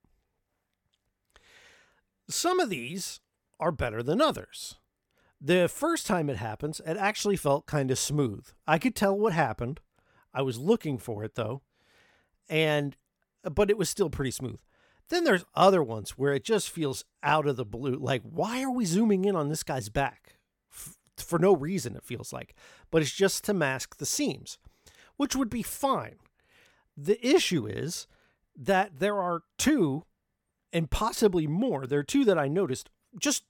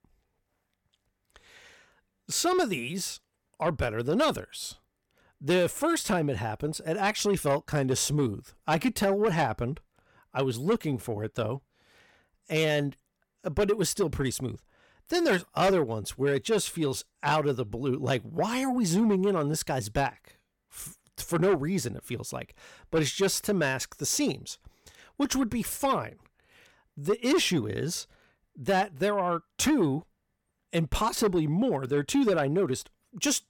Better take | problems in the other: first | distortion; slight; 10 dB below the speech

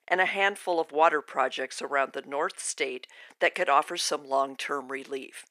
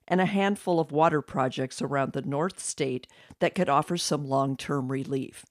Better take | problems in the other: second | thin; very; fading below 400 Hz

